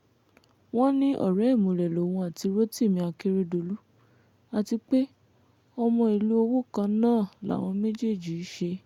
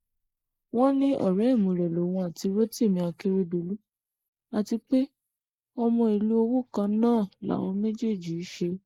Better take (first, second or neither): first